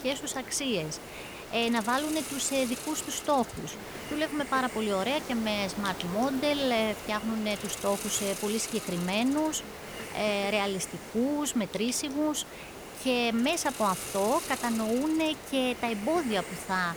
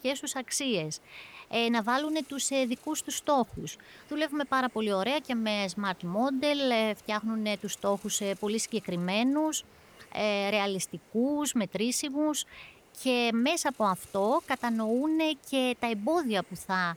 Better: second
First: hiss; loud; throughout; 9 dB below the speech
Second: hiss; faint; throughout; 25 dB below the speech

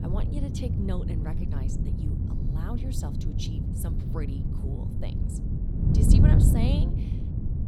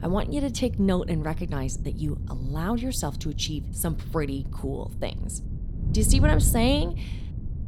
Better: second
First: wind noise on the microphone; heavy; 2 dB above the speech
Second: wind noise on the microphone; occasional gusts; 15 dB below the speech

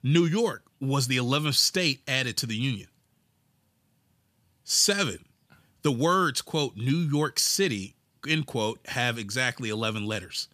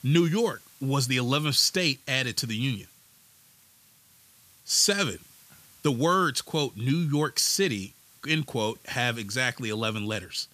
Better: first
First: none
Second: hiss; faint; throughout; 30 dB below the speech

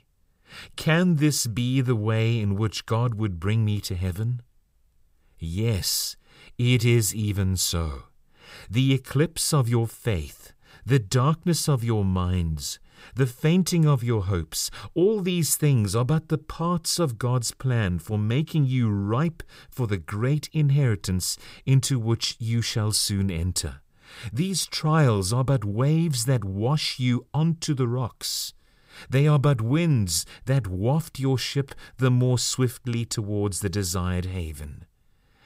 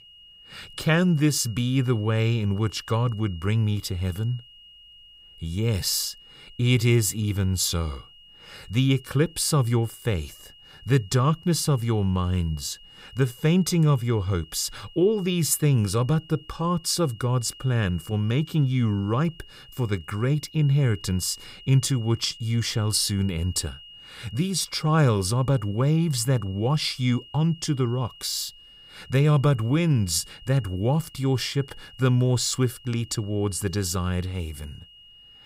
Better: first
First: none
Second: high-pitched whine; faint; throughout; 3 kHz, 20 dB below the speech

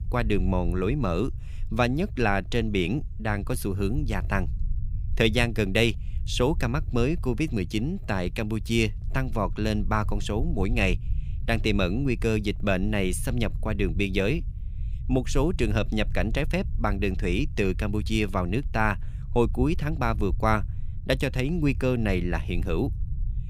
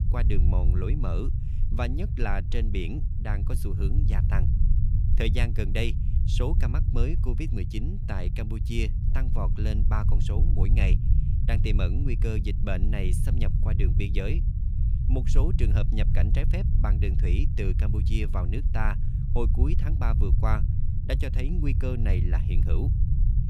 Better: first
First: low rumble; faint; throughout; 25 dB below the speech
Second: low rumble; loud; throughout; 6 dB below the speech

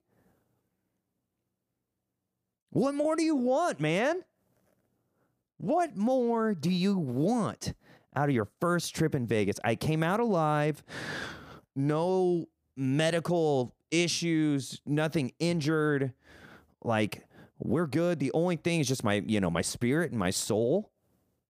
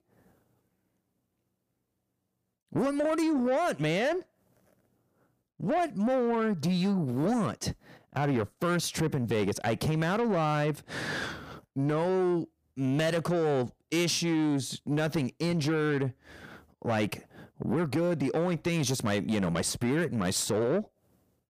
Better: first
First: none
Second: distortion; slight; 10 dB below the speech

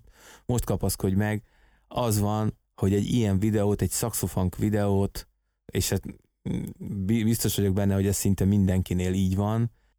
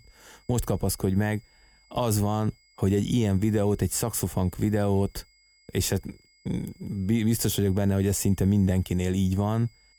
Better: first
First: none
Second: high-pitched whine; faint; throughout; 2 kHz, 35 dB below the speech

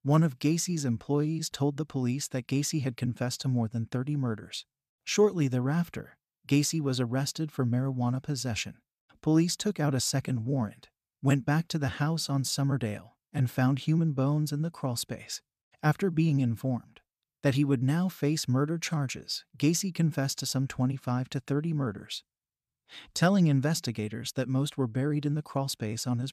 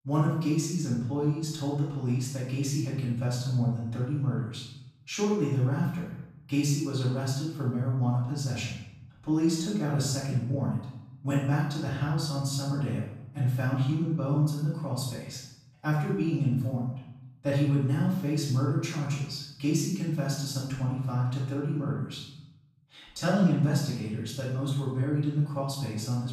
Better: first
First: none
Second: off-mic speech; far // room echo; noticeable; dies away in 0.7 s

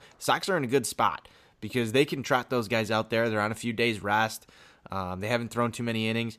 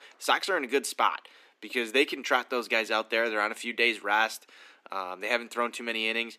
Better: first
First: none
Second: thin; somewhat; fading below 250 Hz

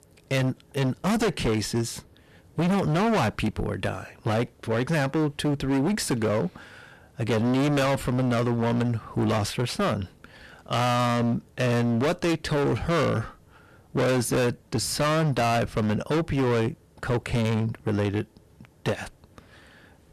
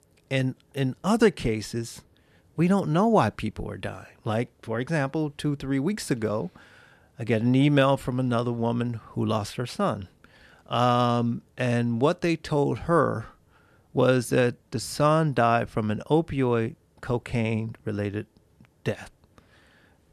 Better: second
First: distortion; heavy; 23% of the sound clipped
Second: none

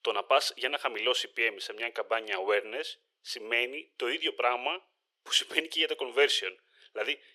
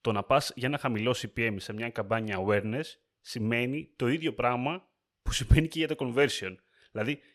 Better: second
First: thin; very; fading below 400 Hz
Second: none

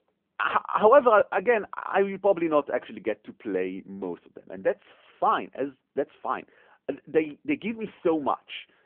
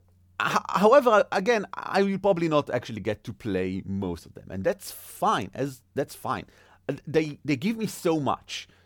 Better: second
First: phone-call audio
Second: none

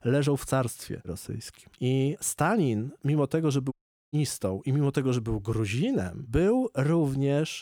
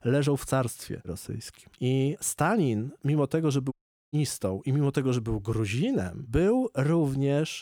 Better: neither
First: audio cutting out; at 3.5 s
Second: audio cutting out; at 3.5 s

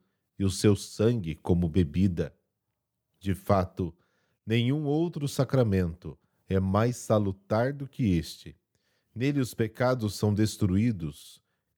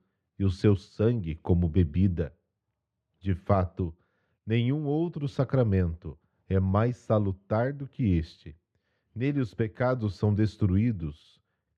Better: first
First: none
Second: muffled; slightly; fading above 3 kHz

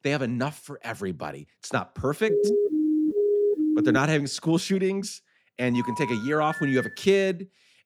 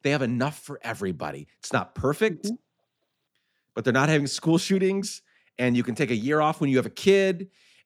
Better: second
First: siren; loud; from 2.5 to 4 s; peak 4 dB above the speech // phone ringing; noticeable; from 5.5 to 7 s; peak 6 dB below the speech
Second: none

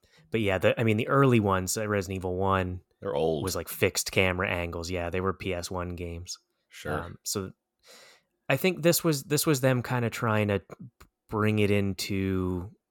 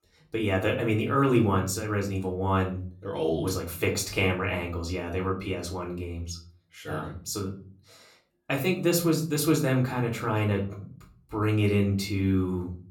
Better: first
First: none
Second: off-mic speech; far // room echo; very slight; dies away in 0.4 s

